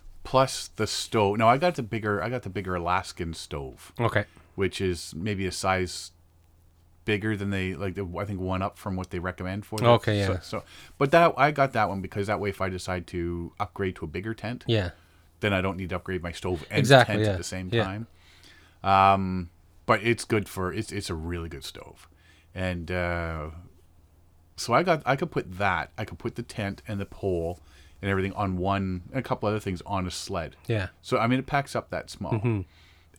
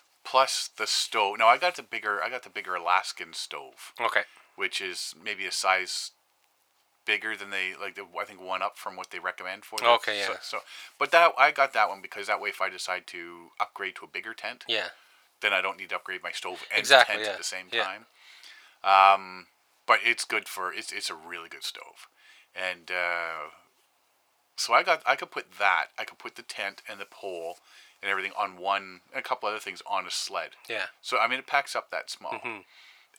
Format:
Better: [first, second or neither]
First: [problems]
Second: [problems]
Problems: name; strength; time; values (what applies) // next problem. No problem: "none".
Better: first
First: none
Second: thin; very; fading below 850 Hz